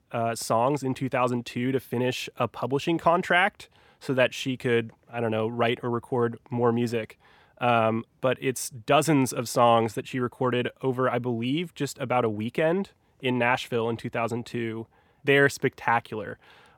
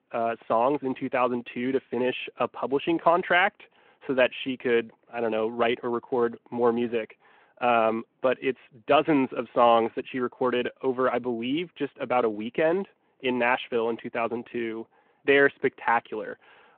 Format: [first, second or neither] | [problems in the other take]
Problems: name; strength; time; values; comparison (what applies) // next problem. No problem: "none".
first | phone-call audio